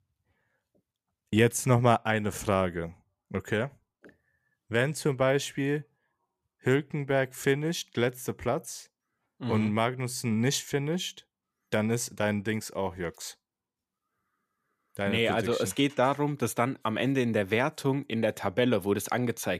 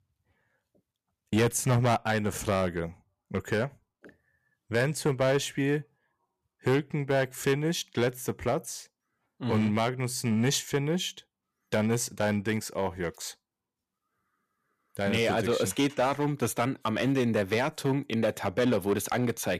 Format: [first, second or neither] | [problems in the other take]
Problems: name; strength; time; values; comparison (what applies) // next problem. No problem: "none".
first | distortion; slight; 4% of the sound clipped